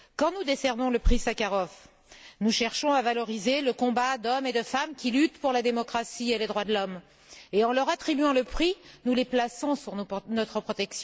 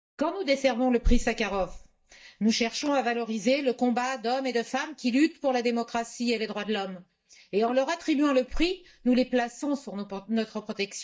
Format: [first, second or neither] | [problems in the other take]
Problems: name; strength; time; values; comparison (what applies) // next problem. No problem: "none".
first | noise reduction (neural mask model DeepFilterNet 3)